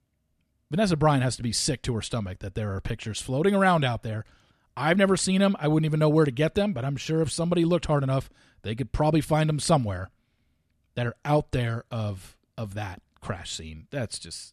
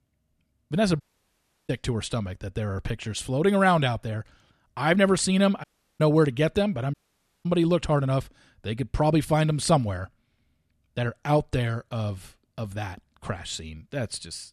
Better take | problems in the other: first | audio cutting out; at 1 s for 0.5 s, at 5.5 s and at 7 s for 0.5 s

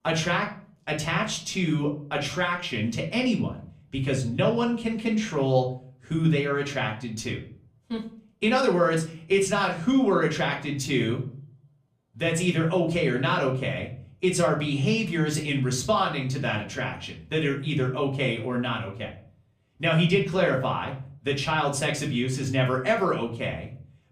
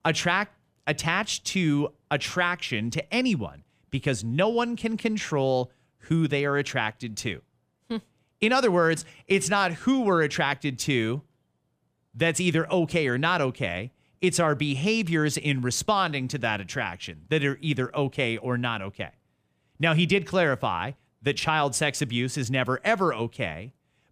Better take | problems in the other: second | off-mic speech; far // room echo; very slight; dies away in 0.4 s

